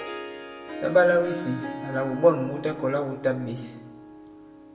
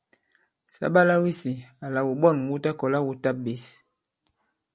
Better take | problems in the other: second | background sound (Harp); 11 dB below the speech // room echo; dies away in 0.9 s

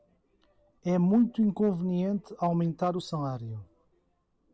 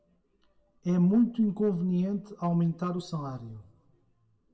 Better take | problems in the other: first | room echo; dies away in 0.5 s

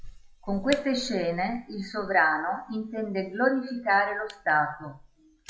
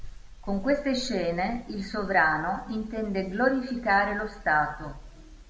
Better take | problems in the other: second | noise reduction (classical method log-MMSE)

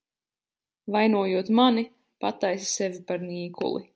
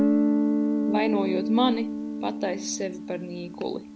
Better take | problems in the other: first | background sound (Guitar); 2 dB above the speech

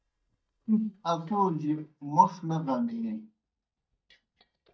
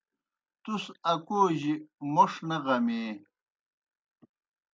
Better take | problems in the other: second | noise reduction (neural mask model DeepFilterNet 3)

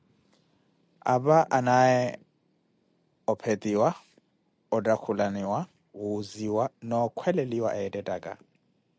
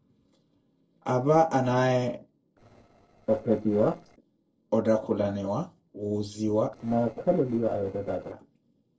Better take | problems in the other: first | noise reduction (neural separator model SepFormer DNS4)

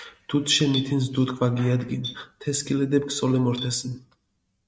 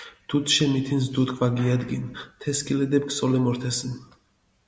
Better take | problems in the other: second | noise reduction (neural mask model RNNoise)

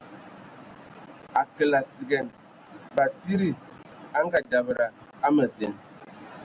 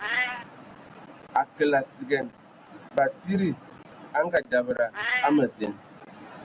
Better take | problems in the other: first | background sound (Meow); 9 dB below the speech

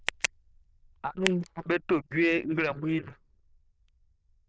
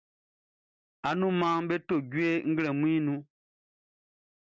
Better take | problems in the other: second | noise reduction (neural diffusion model UNIVERSE++)

